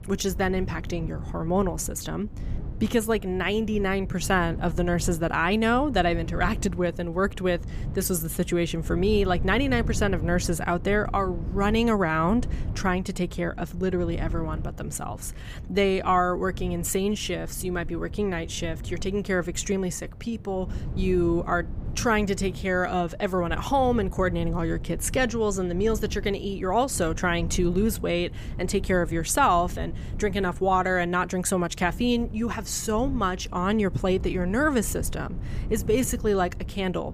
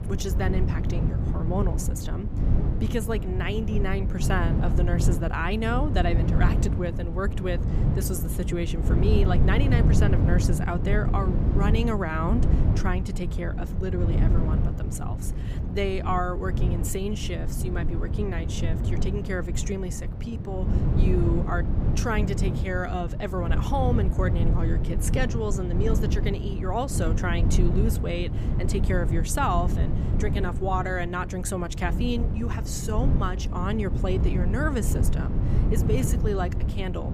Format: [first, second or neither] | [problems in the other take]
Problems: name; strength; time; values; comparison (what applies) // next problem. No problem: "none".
first | wind noise on the microphone; heavy; 6 dB below the speech; occasional gusts in the first